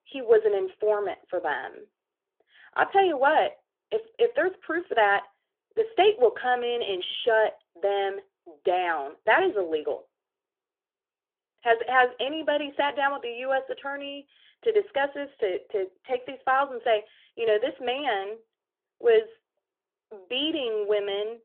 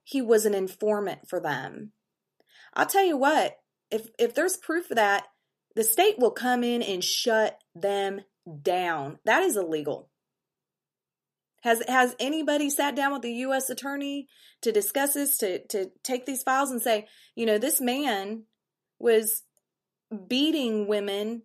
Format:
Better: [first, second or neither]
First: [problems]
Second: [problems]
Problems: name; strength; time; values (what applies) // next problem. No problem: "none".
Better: second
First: phone-call audio; nothing above 3.5 kHz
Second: none